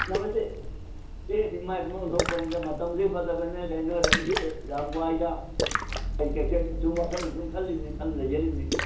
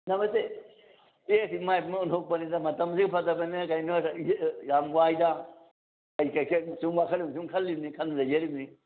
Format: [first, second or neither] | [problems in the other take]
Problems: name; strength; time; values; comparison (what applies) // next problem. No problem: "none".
second | background sound (Splash, splatter); 2 dB below the speech // room echo; dies away in 0.7 s